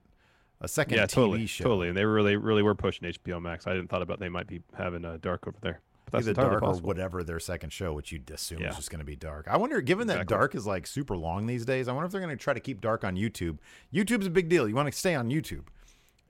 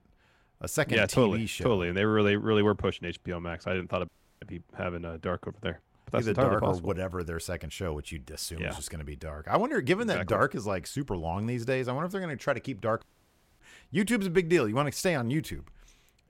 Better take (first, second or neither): first